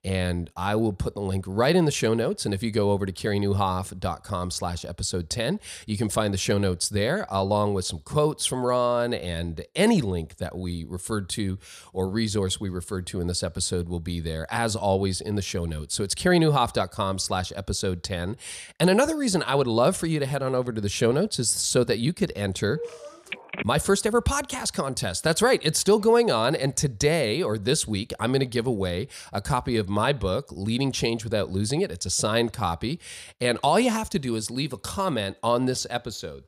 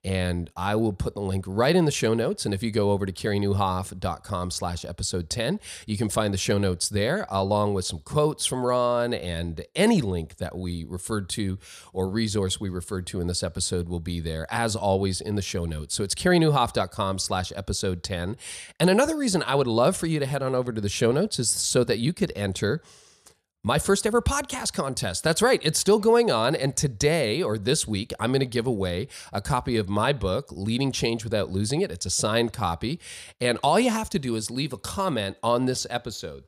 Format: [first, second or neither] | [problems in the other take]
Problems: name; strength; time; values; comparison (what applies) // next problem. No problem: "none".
second | phone ringing; noticeable; at 23 s; peak 8 dB below the speech